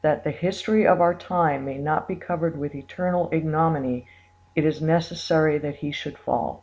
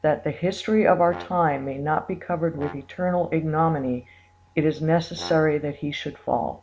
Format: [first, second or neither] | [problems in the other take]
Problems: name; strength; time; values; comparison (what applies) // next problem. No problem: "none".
first | background sound (Brass instrument); 20 dB below the speech